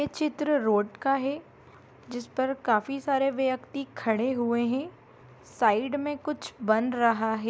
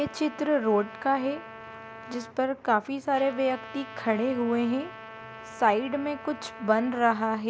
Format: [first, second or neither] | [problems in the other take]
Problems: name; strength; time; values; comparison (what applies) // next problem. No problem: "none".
first | background sound (Trumpet); 16 dB below the speech